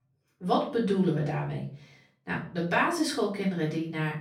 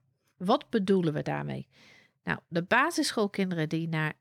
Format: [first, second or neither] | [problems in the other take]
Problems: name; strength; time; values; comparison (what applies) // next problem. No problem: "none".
second | room echo; slight; dies away in 0.4 s // off-mic speech; far